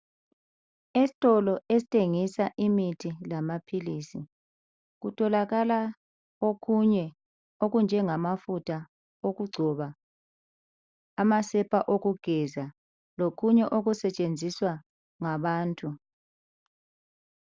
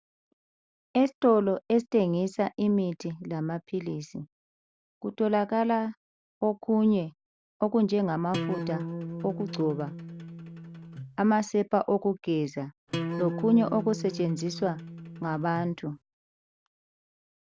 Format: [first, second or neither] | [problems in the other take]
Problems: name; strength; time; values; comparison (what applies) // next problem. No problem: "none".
first | background sound (Acoustic guitar); 8 dB below the speech